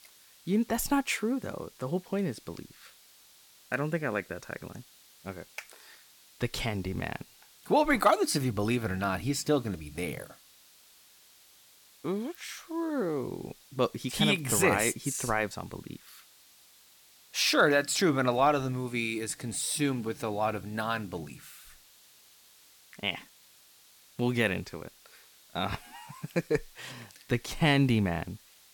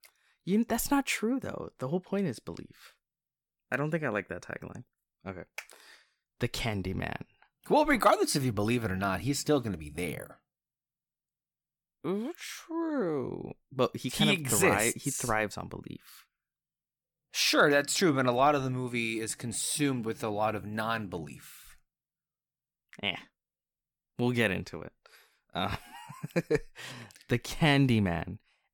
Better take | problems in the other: second | hiss; faint; throughout; 25 dB below the speech

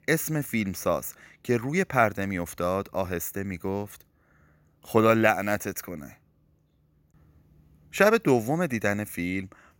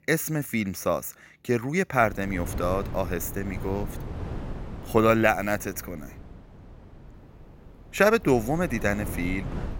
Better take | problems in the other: first | wind noise on the microphone; occasional gusts; from 2 s on; 20 dB below the speech

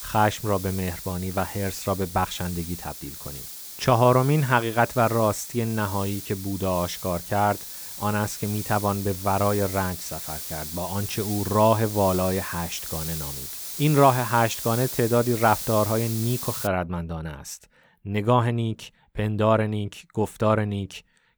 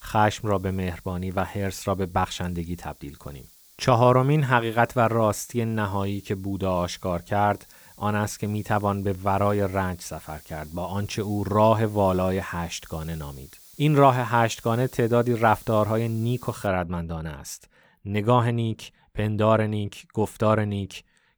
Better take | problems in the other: second | hiss; loud; until 17 s; 8 dB below the speech; faint in the second

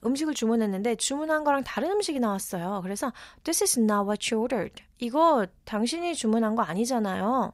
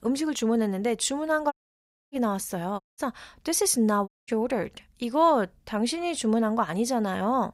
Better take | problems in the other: first | audio cutting out; at 1.5 s for 0.5 s, at 3 s and at 4 s

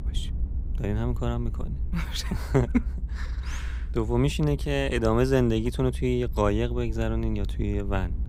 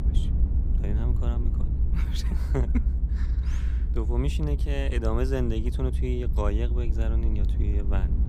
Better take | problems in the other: first | low rumble; loud; throughout; 9 dB below the speech; faint in the first

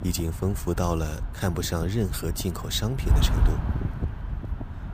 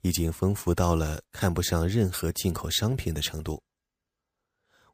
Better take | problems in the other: second | wind noise on the microphone; heavy; 9 dB below the speech

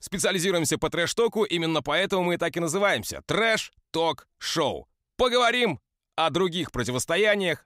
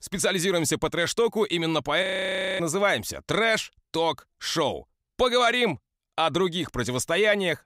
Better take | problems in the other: first | audio freezing; at 2 s for 0.5 s

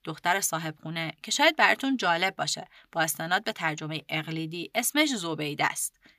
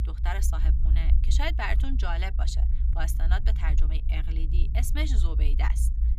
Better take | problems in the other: first | low rumble; noticeable; throughout; 10 dB below the speech

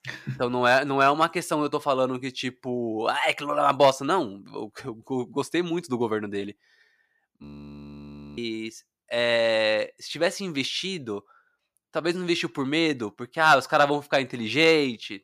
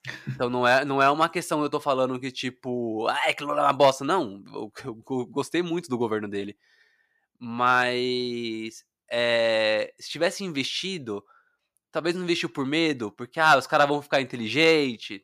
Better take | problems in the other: second | audio freezing; at 7.5 s for 1 s

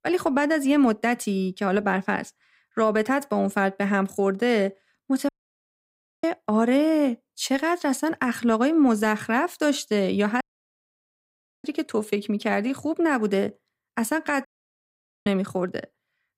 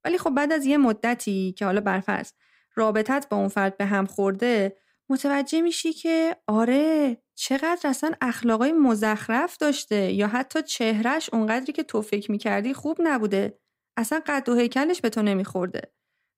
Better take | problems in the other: second | audio cutting out; at 5.5 s for 1 s, at 10 s for 1 s and at 14 s for 1 s

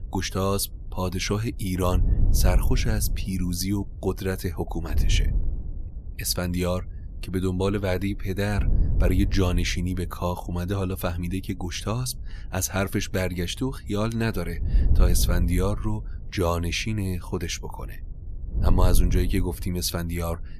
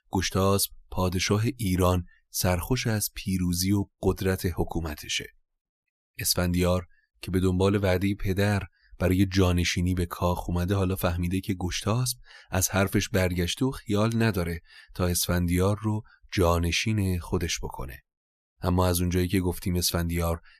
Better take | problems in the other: second | wind noise on the microphone; occasional gusts; 15 dB below the speech

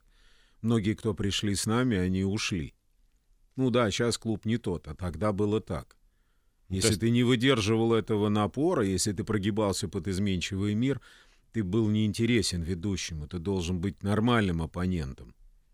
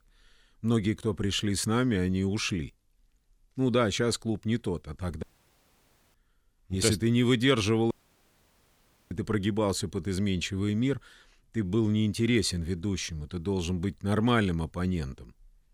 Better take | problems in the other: first | audio cutting out; at 5 s for 1 s and at 8 s for 1 s

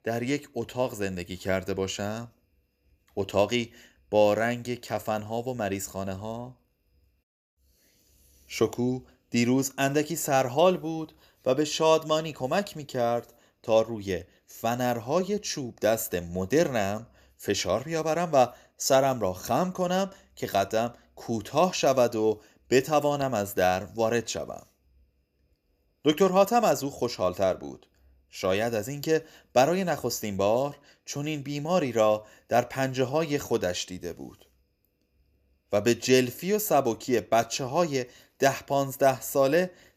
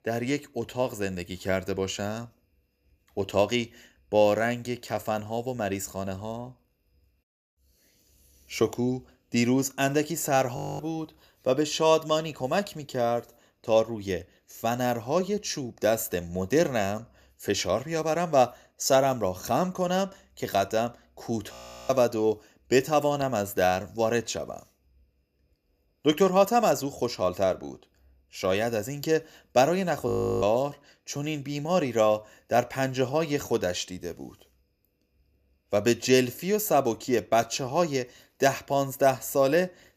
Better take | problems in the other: first | audio freezing; at 11 s, at 22 s and at 30 s

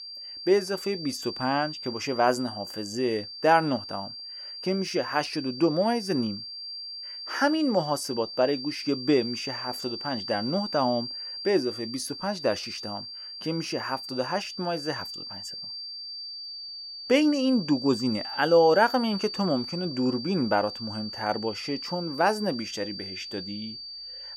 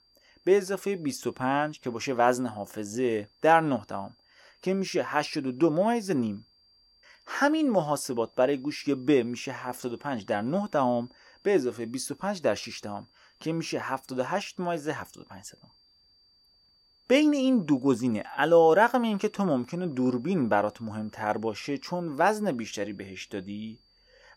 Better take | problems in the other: second | high-pitched whine; loud; throughout; 4.5 kHz, 8 dB below the speech; faint in the second

